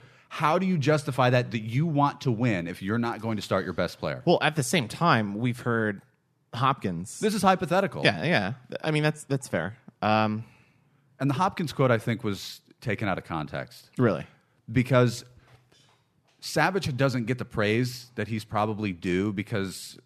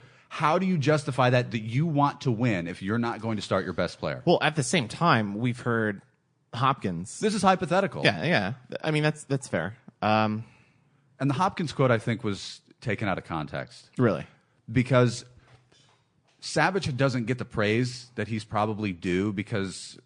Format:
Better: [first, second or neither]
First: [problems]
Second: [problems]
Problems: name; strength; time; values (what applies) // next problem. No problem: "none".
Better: first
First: none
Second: garbled, watery; slightly; nothing above 9 kHz